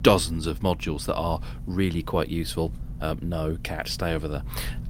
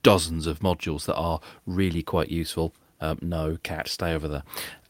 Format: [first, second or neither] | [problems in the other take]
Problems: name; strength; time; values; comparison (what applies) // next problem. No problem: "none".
second | low rumble; faint; throughout; 20 dB below the speech